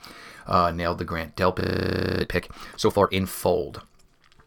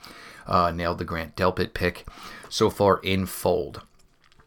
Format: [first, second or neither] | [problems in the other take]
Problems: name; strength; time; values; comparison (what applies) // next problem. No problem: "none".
second | audio freezing; at 1.5 s for 0.5 s